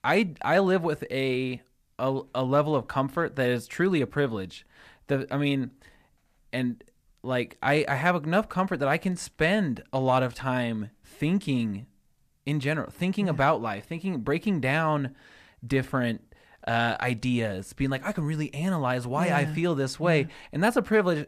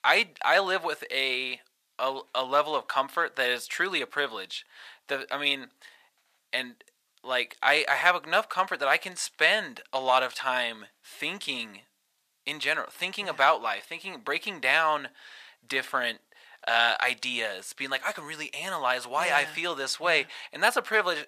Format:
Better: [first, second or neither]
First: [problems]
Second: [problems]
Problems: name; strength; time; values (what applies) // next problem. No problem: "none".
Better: first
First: none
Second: thin; very; fading below 800 Hz